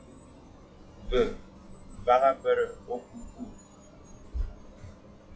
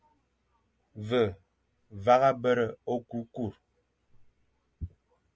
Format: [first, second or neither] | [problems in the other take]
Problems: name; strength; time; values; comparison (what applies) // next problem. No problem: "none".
second | noise reduction (classical method WPE with log-MMSE)